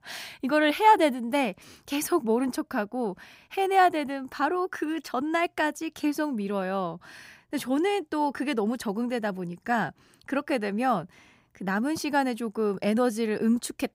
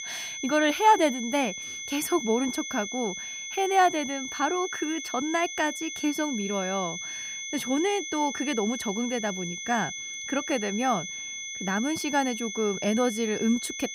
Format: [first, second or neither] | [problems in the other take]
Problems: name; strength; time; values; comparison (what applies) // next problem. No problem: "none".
first | high-pitched whine; loud; throughout; 2 kHz, 6 dB below the speech